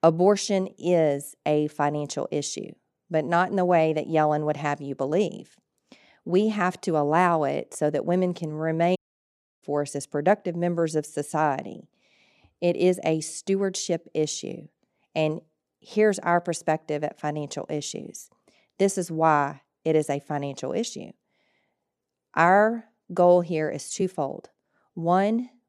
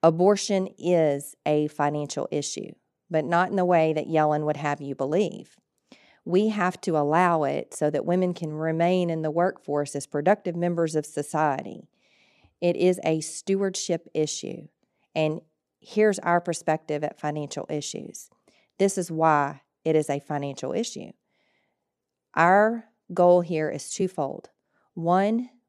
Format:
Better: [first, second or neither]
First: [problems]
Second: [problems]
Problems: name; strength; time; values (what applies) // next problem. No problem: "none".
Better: second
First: audio cutting out; at 9 s for 0.5 s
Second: none